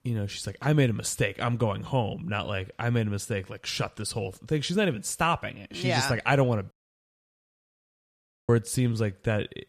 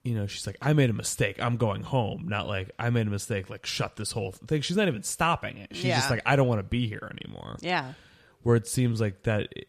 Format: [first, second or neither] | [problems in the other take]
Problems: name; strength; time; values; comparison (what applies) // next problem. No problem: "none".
second | audio cutting out; at 6.5 s for 2 s